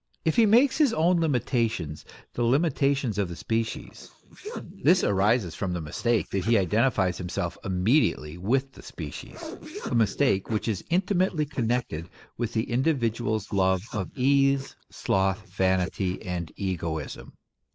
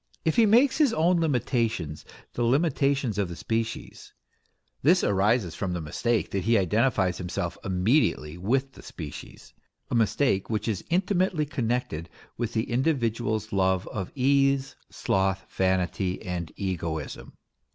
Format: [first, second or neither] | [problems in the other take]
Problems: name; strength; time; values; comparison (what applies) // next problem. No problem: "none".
second | noise reduction (neural mask model Resemble Enhance denoiser)